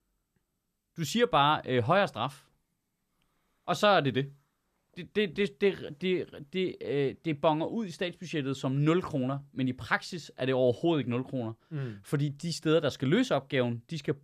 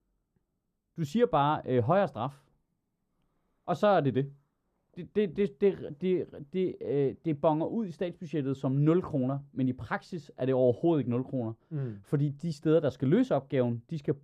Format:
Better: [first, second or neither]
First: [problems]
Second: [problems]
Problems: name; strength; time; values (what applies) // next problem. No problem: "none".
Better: first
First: none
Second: muffled; slightly; fading above 1.5 kHz